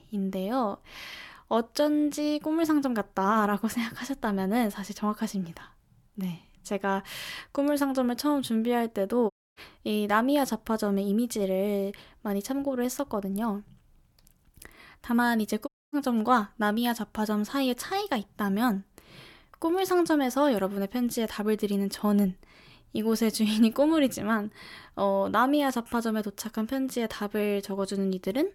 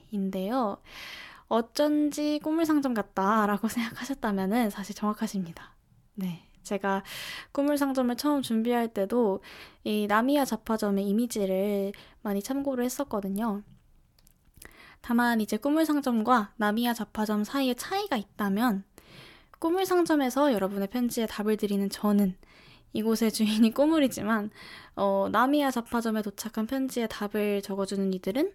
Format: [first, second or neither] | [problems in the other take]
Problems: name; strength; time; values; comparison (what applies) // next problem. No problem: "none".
second | audio cutting out; at 9.5 s and at 16 s